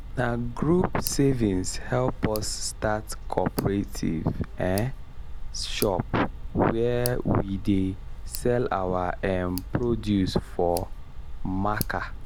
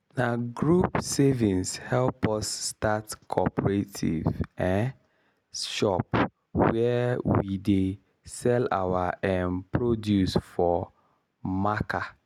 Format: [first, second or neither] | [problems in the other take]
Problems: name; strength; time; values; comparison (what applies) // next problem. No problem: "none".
second | background sound (Tick); 7 dB below the speech